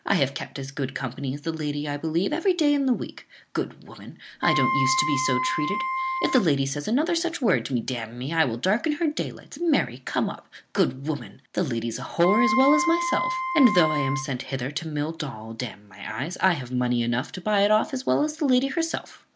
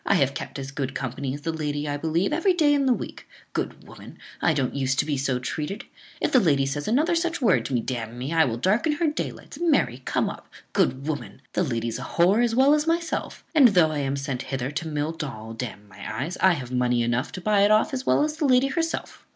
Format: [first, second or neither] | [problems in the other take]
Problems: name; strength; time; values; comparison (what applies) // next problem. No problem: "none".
second | background sound (Wind instrument, woodwind instrument); 1 dB below the speech